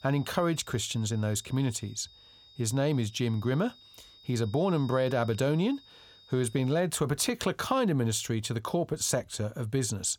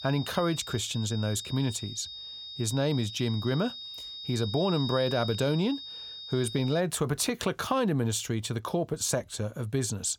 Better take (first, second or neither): first